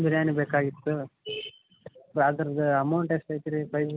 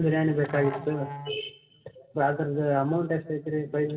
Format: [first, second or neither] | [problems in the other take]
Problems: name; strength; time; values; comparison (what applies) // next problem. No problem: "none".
first | background sound (Musical instrument); 14 dB below the speech // room echo; dies away in 0.8 s